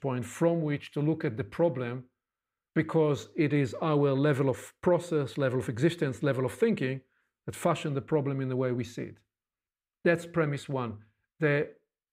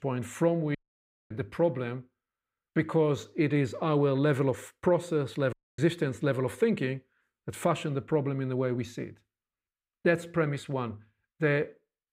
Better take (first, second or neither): first